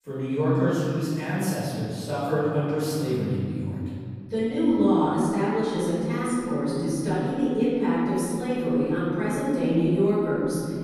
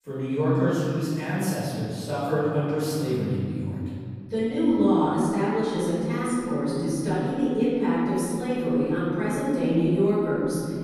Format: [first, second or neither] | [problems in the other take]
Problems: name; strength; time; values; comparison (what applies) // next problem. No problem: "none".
neither | room echo; strong; dies away in 3 s; the same in both // off-mic speech; far; the same in both